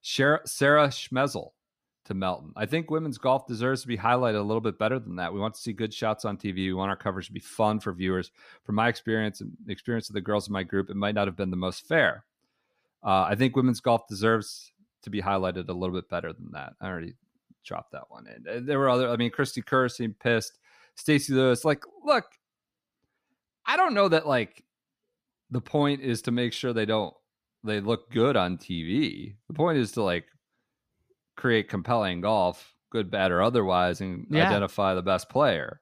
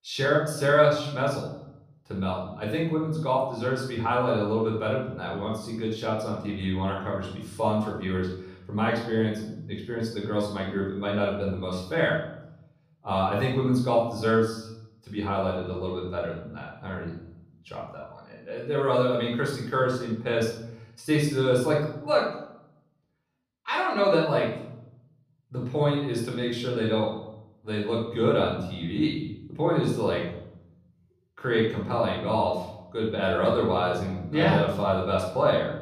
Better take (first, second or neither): first